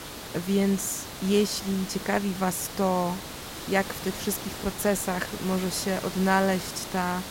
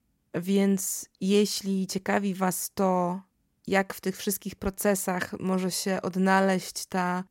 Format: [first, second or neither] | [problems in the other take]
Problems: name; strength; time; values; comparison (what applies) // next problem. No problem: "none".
second | hiss; loud; throughout; 9 dB below the speech